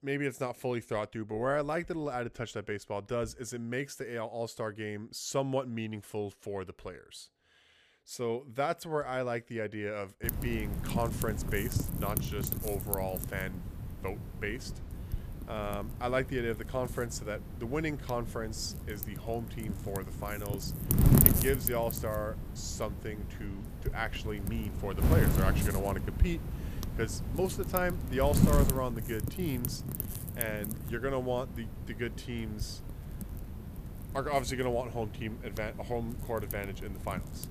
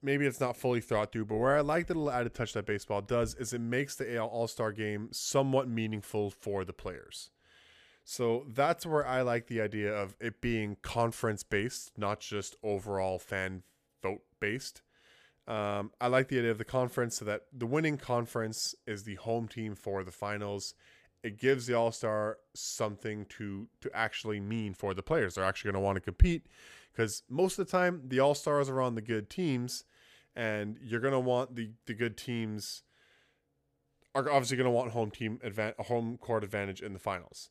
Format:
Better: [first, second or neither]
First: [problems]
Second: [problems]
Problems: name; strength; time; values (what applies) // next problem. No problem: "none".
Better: second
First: wind noise on the microphone; heavy; from 10 s on; 6 dB below the speech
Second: none